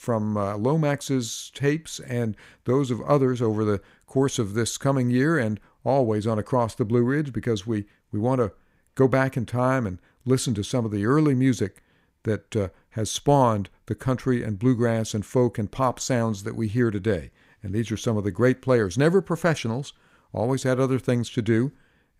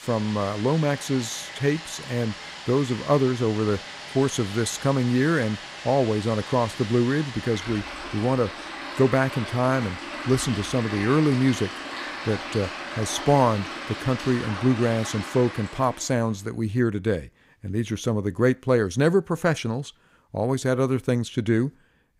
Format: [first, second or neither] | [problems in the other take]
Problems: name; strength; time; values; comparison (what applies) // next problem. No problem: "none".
first | rain or running water; loud; until 16 s; 10 dB below the speech